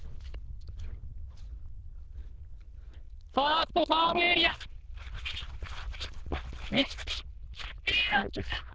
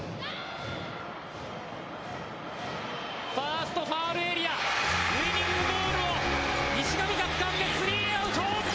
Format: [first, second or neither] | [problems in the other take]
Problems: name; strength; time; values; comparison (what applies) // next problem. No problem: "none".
second | noise reduction (neural diffusion model UNIVERSE++)